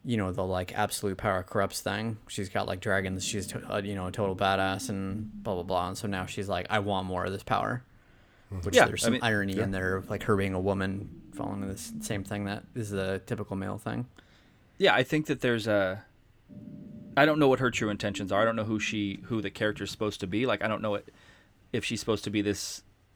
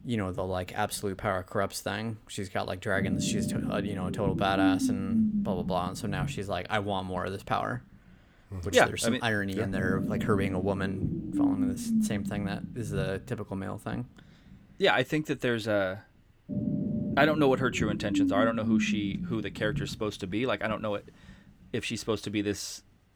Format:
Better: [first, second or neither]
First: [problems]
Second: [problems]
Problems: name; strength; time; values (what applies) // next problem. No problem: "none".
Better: first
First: low rumble; faint; throughout; 25 dB below the speech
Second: low rumble; loud; throughout; 7 dB below the speech